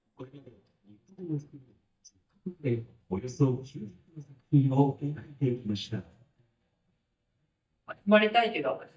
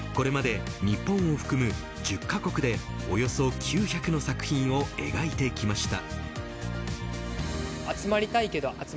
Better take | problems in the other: second | noise reduction (neural mask model DeepFilterNet 3)

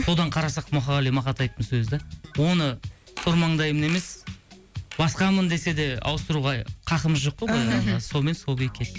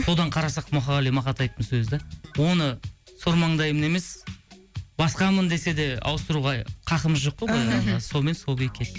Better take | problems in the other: second | background sound (Fart); 19 dB below the speech

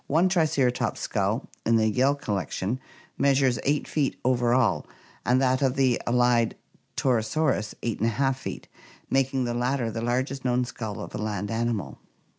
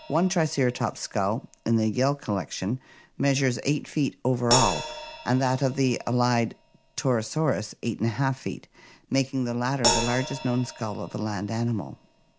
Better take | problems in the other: first | background sound (Crash cymbal); 9 dB below the speech

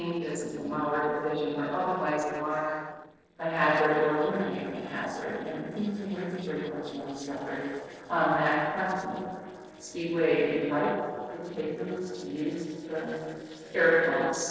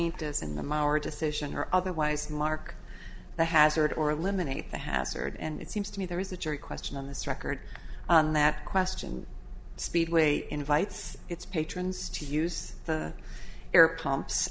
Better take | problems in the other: second | noise reduction (neural separator model SepFormer DNS4)

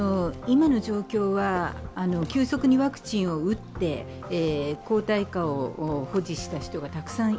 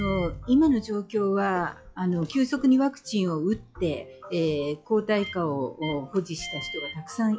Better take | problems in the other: first | noise reduction (classical method log-MMSE)

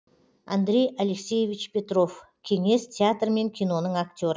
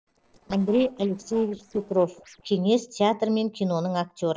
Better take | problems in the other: first | noise reduction (neural separator model SepFormer DNS4)

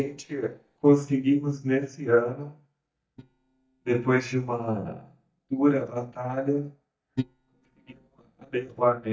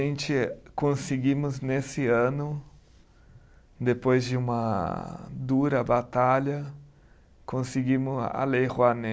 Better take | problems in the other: second | noise reduction (neural mask model DeepFilterNet 3)

